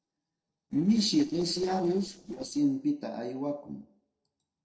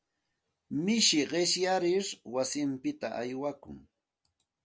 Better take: second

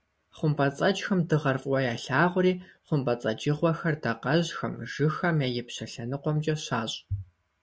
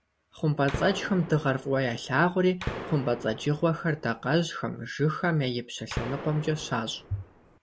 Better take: first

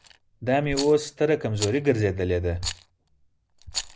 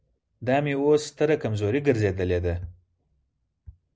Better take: second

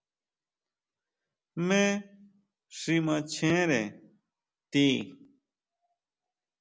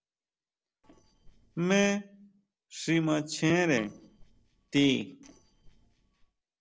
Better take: first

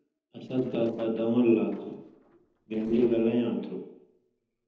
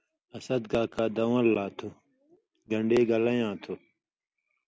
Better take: second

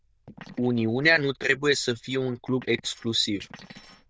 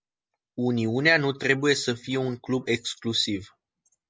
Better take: second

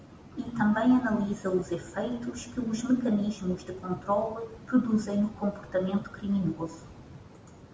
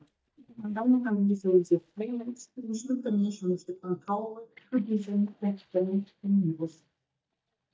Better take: first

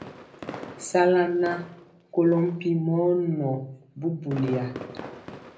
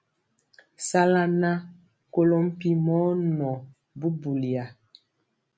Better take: second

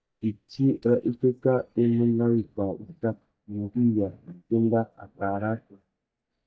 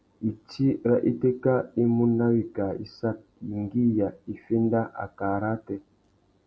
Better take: second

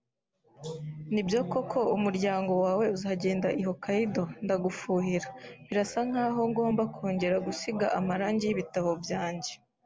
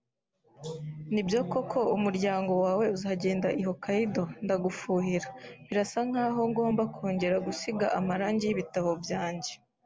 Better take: second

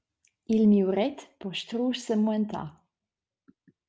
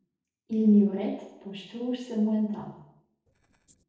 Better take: first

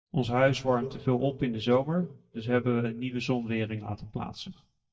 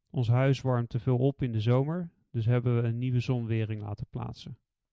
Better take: second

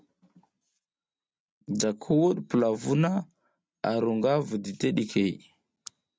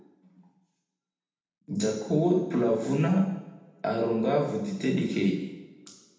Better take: first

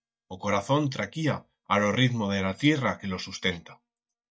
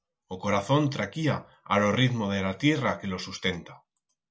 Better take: second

